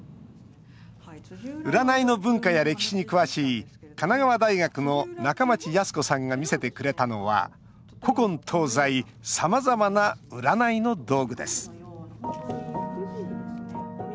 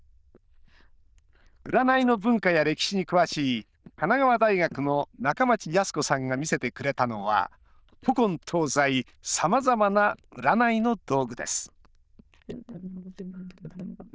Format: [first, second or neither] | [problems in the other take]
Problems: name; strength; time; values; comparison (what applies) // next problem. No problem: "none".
first | noise reduction (neural diffusion model UNIVERSE++)